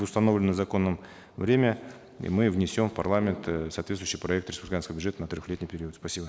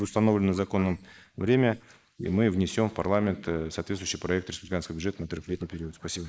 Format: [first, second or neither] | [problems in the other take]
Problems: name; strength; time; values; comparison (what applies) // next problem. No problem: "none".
first | noise reduction (neural mask model Resemble Enhance denoiser)